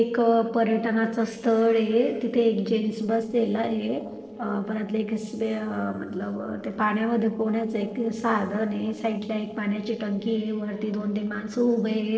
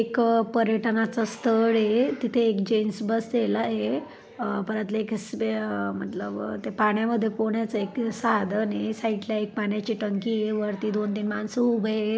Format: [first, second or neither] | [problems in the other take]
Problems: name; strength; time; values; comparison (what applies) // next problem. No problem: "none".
second | noise reduction (neural separator model SepFormer DNS4)